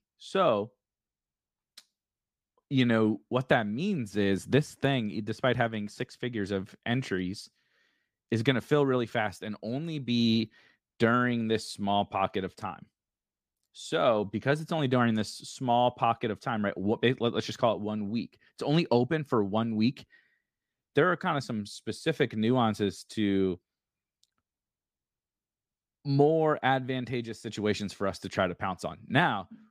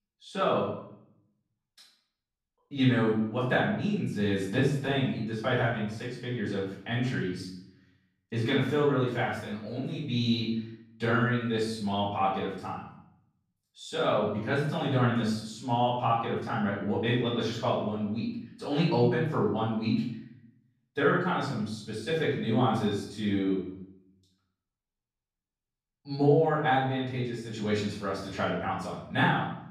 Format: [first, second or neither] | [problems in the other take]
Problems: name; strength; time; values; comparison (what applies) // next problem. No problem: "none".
first | off-mic speech; far // room echo; noticeable; dies away in 0.6 s